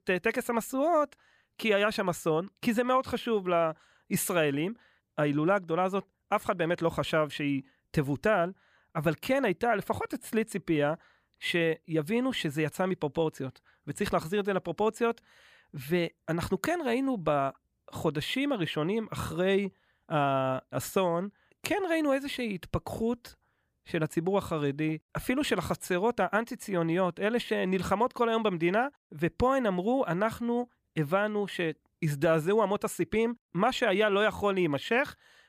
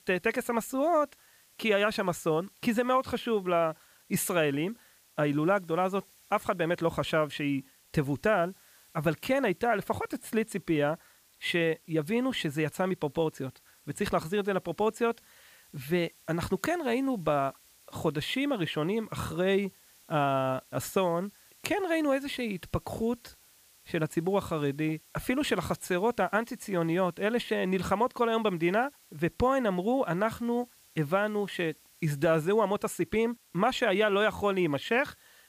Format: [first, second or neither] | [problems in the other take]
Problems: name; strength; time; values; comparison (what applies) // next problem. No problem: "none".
first | hiss; faint; throughout; 30 dB below the speech